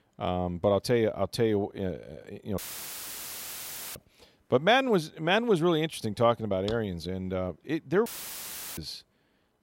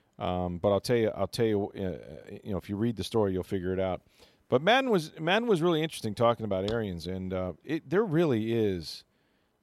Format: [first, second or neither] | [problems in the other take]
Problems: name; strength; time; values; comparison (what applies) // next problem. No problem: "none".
second | audio cutting out; filled with static; at 2.5 s for 1.5 s and at 8 s for 0.5 s